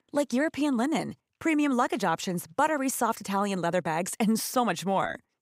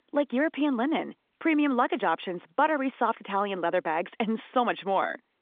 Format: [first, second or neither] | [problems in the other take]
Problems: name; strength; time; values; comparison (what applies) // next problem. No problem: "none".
first | phone-call audio